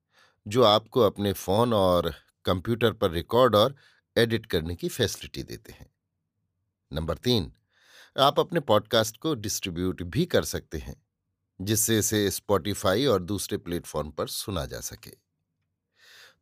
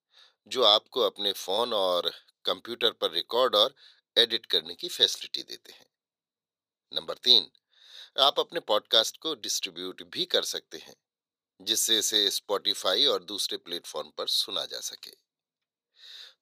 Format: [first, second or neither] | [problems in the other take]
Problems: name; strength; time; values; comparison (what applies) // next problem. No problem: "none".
first | thin; somewhat; fading below 450 Hz